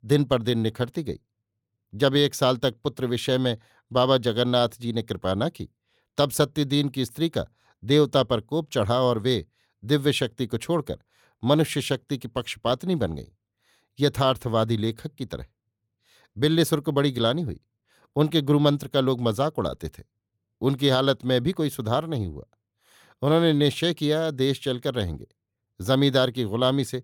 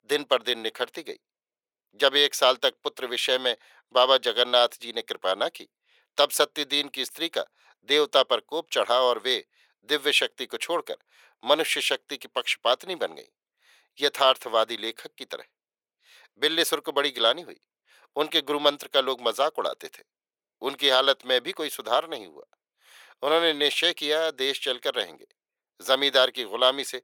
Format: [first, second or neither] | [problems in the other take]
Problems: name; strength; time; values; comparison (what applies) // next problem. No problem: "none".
first | thin; very; fading below 500 Hz